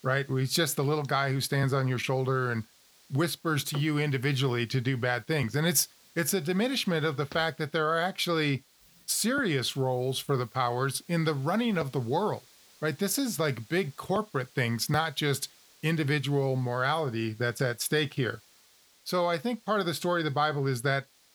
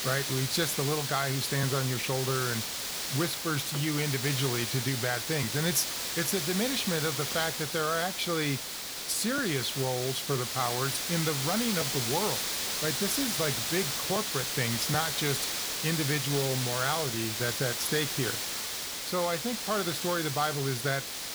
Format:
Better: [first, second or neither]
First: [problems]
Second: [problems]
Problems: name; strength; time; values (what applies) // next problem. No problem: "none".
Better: first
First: hiss; faint; throughout; 30 dB below the speech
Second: hiss; loud; throughout; as loud as the speech